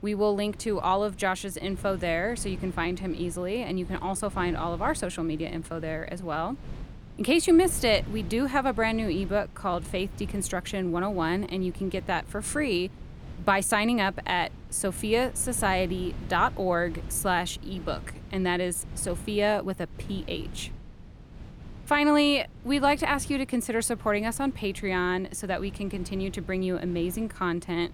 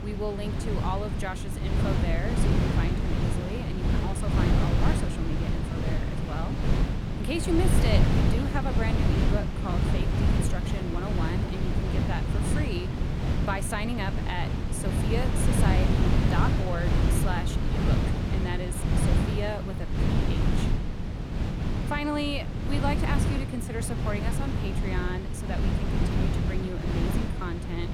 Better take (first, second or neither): first